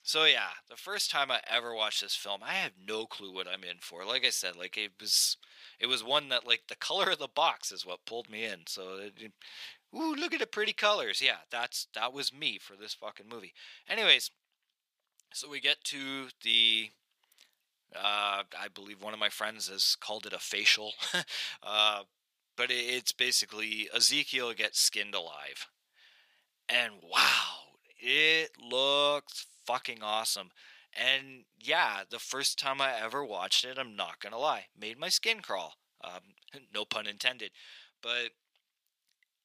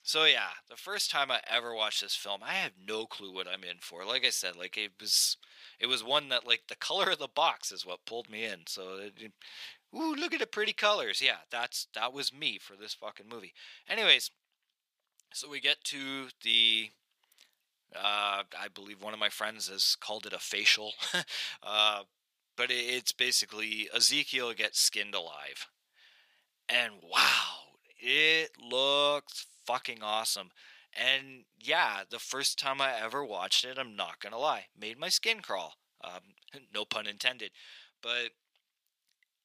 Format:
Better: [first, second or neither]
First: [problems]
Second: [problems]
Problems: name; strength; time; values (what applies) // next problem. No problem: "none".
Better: neither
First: thin; very; fading below 700 Hz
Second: thin; very; fading below 700 Hz